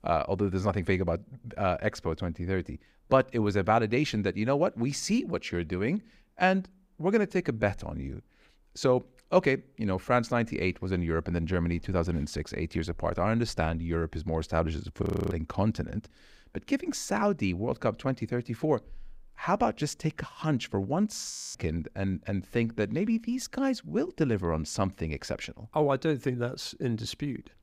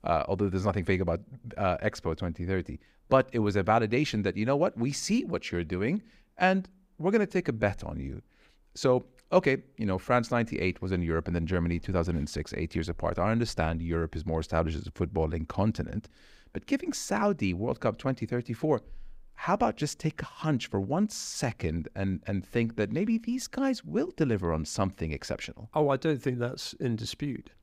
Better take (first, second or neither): second